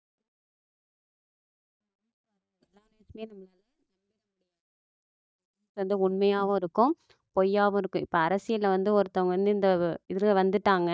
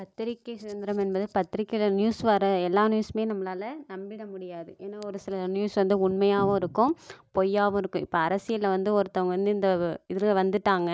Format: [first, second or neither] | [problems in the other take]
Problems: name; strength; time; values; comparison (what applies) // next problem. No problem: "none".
second | noise reduction (neural mask model DeepFilterNet 3)